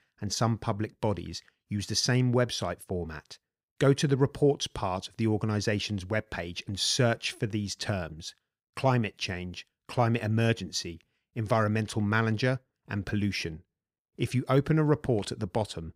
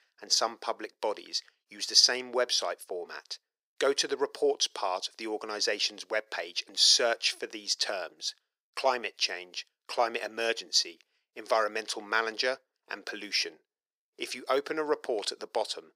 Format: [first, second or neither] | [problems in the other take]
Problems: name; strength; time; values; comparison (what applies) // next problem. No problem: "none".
first | thin; very; fading below 400 Hz